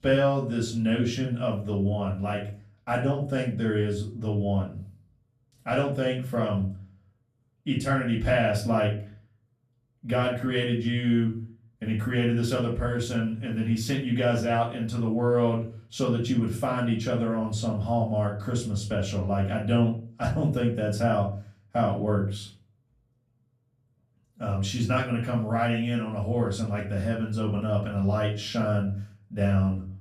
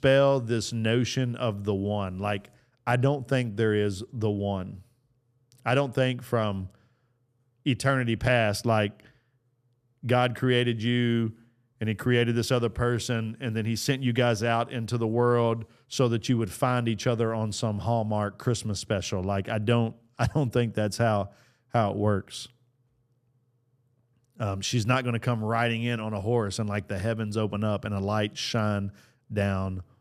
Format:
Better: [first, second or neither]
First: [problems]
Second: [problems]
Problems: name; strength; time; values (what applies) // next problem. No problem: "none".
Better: second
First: off-mic speech; far // room echo; slight; dies away in 0.4 s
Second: none